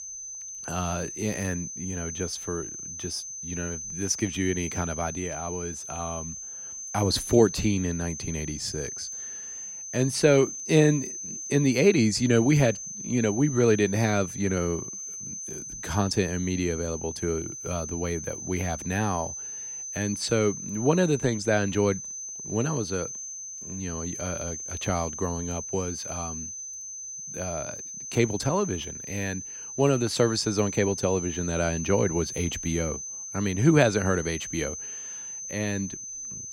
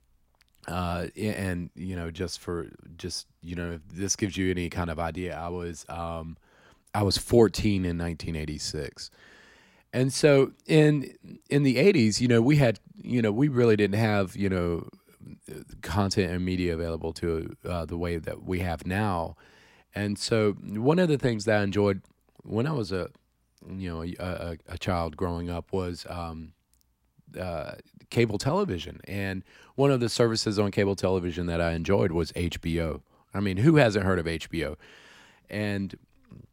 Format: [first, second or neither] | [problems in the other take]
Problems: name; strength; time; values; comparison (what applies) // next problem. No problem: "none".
second | high-pitched whine; loud; throughout; 6 kHz, 8 dB below the speech